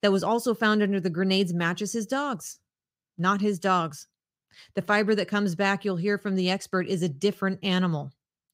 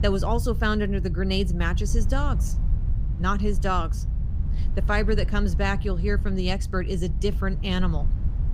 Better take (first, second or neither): first